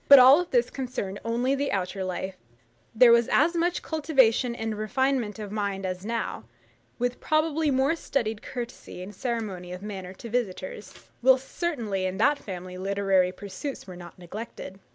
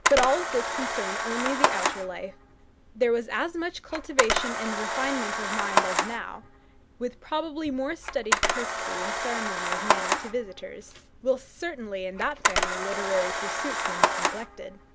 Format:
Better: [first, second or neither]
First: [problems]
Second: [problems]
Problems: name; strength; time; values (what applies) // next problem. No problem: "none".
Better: first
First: none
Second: background sound (Camera); 2 dB above the speech